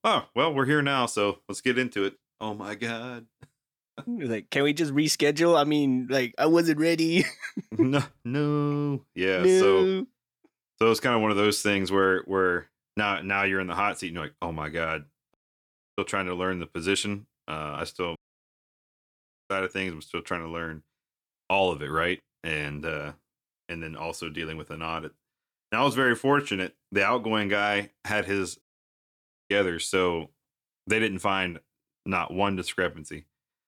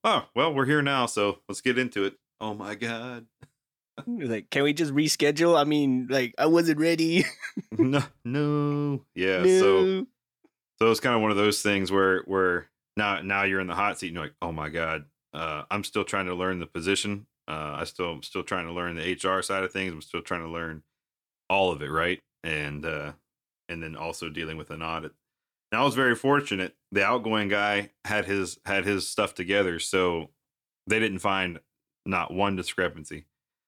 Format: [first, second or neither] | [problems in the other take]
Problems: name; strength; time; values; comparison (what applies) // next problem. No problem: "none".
second | audio cutting out; at 15 s for 0.5 s, at 18 s for 1.5 s and at 29 s for 1 s